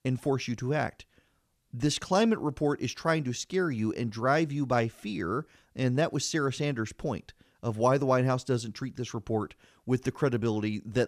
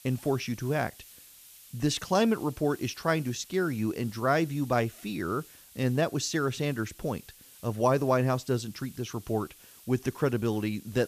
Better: first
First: none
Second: hiss; faint; throughout; 20 dB below the speech

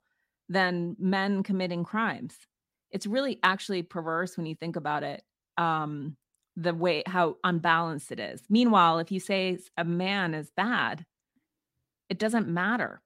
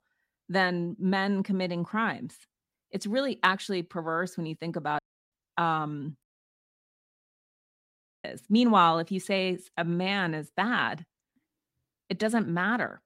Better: first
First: none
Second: audio cutting out; at 5 s and at 6 s for 2 s

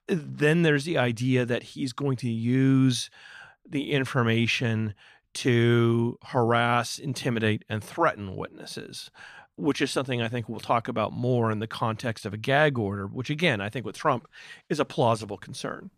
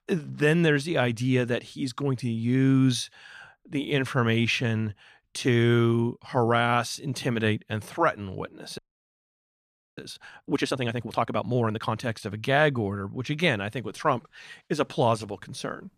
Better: first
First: none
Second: audio freezing; at 9 s for 1 s

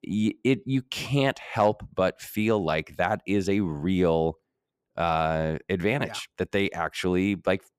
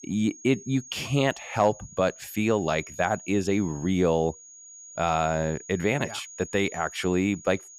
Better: first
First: none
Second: high-pitched whine; noticeable; throughout; 6.5 kHz, 15 dB below the speech

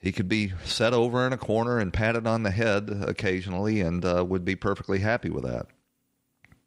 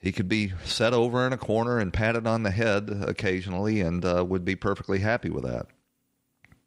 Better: neither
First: none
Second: none

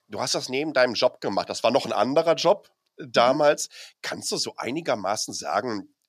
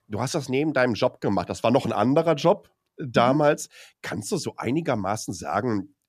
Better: second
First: thin; somewhat; fading below 500 Hz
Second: none

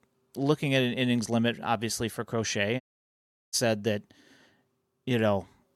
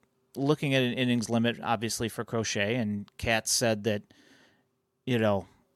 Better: second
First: audio cutting out; at 3 s for 0.5 s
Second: none

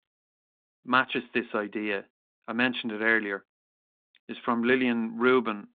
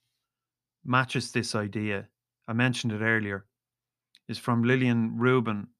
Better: second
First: phone-call audio; nothing above 3.5 kHz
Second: none

